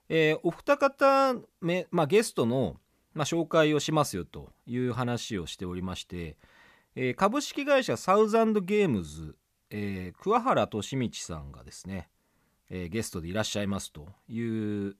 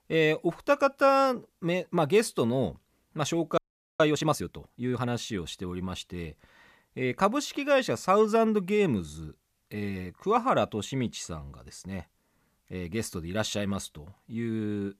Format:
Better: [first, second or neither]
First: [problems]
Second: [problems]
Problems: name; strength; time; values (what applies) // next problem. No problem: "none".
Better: first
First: none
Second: audio freezing; at 3.5 s